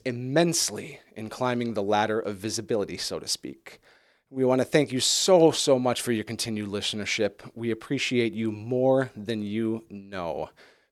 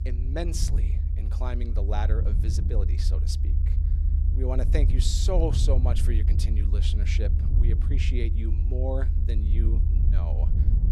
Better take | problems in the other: first | low rumble; loud; throughout; 7 dB below the speech

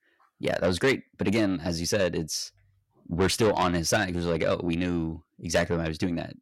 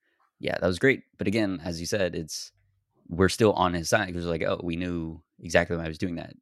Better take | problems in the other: second | distortion; heavy; 7 dB below the speech

